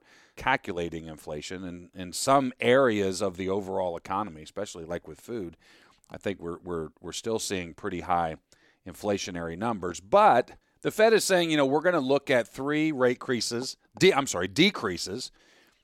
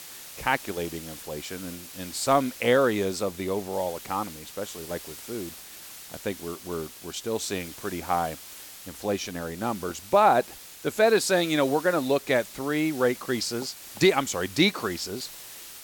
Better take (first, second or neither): first